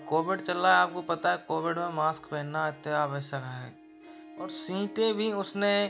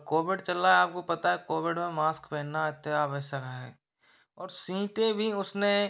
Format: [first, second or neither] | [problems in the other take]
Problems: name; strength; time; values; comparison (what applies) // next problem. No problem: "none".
second | background sound (Harp); 16 dB below the speech